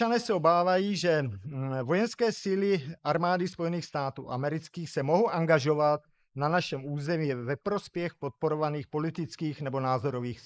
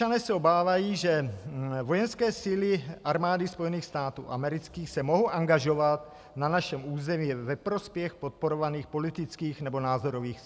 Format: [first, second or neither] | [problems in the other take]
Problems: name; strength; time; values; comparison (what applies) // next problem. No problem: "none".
second | noise reduction (neural mask model Resemble Enhance denoiser)